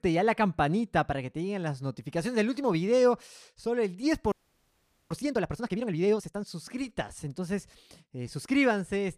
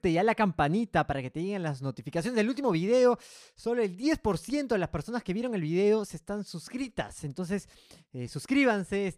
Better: second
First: audio freezing; at 4.5 s for 1 s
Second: none

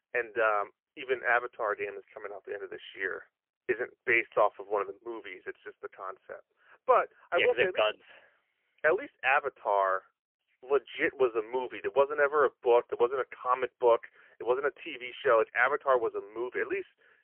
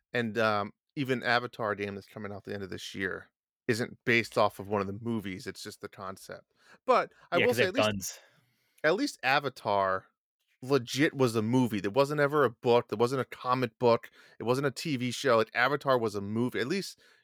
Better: second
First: phone-call audio; poor line; nothing above 3 kHz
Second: none

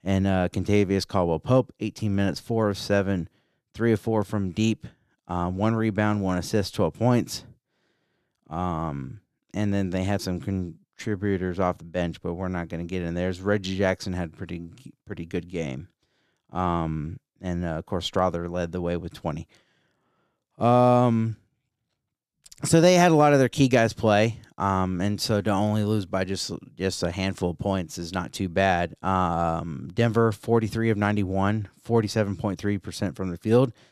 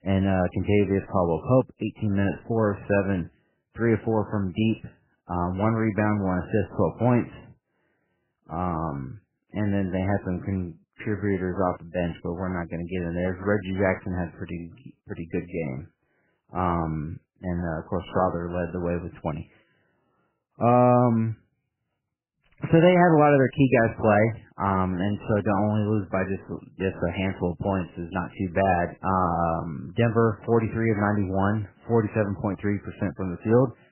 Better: first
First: none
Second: garbled, watery; badly; nothing above 3 kHz

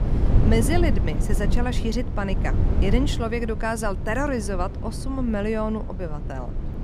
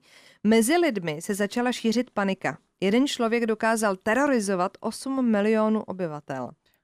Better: second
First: low rumble; loud; throughout; 8 dB below the speech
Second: none

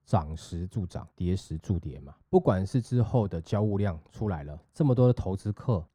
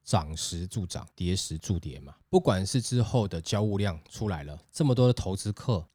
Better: second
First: muffled; very; fading above 2 kHz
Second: none

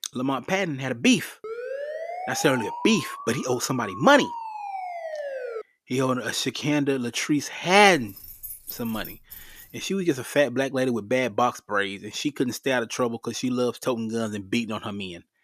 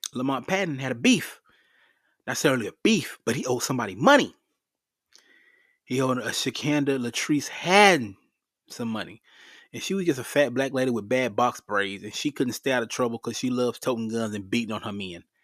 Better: second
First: siren; noticeable; from 1.5 to 5.5 s; peak 8 dB below the speech // jangling keys; faint; from 8 to 9.5 s; peak 10 dB below the speech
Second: none

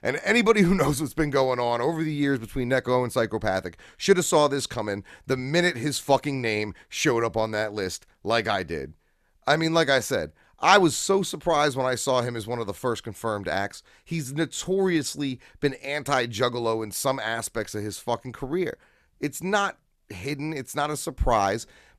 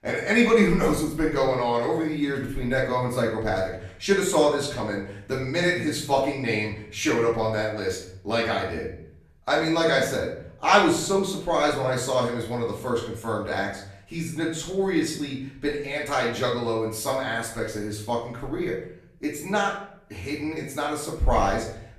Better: first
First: none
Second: room echo; noticeable; dies away in 0.6 s // off-mic speech; far

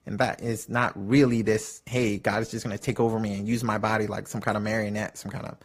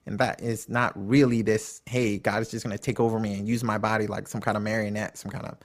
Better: second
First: garbled, watery; slightly; nothing above 15 kHz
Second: none

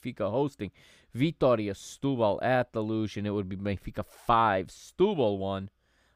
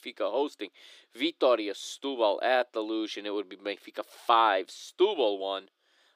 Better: first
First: none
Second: thin; somewhat; fading below 300 Hz

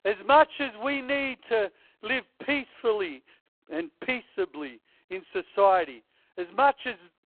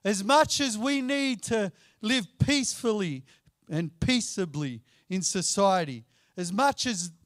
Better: second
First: phone-call audio; poor line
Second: none

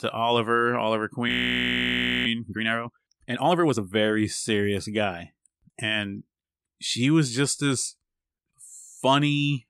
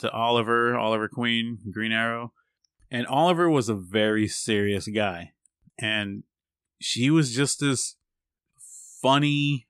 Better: second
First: audio freezing; at 1.5 s for 1 s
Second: none

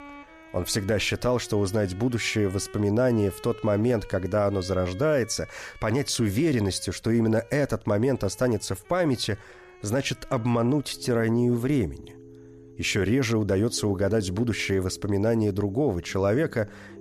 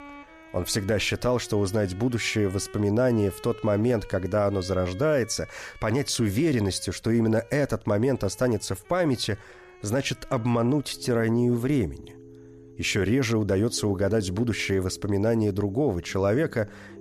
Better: neither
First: background music; faint; throughout; 20 dB below the speech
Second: background music; faint; throughout; 20 dB below the speech

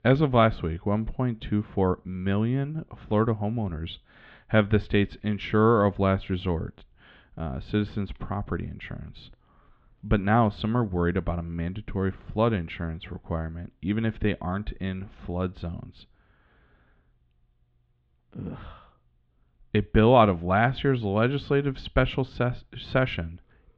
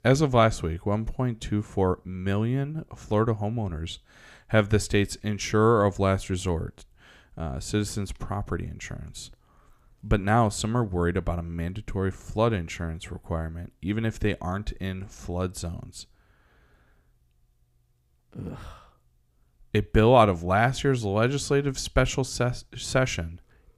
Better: second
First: muffled; very; fading above 3.5 kHz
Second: none

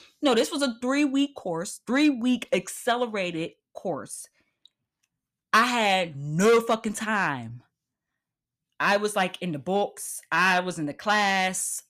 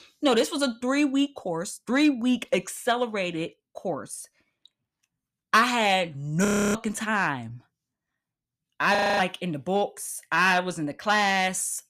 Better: first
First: none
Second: audio freezing; at 6.5 s and at 9 s

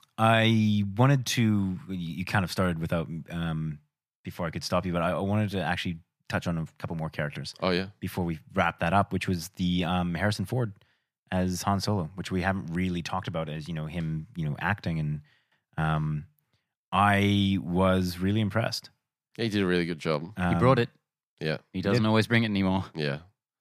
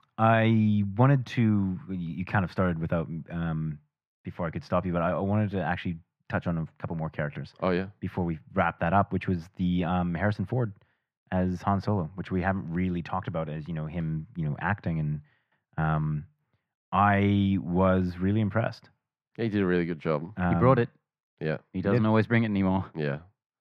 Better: first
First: none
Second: muffled; very; fading above 4 kHz

